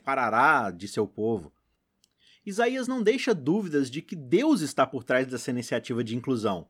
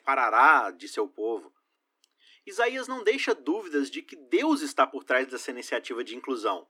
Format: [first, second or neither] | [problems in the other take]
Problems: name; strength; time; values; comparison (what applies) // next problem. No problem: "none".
first | thin; somewhat; fading below 300 Hz